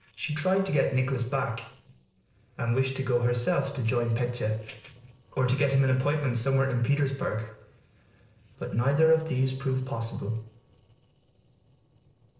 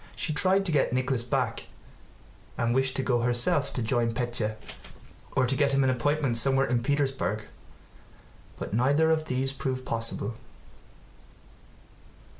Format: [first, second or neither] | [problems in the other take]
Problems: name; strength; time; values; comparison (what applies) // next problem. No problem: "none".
second | noise reduction (neural separator model SepFormer DNS4)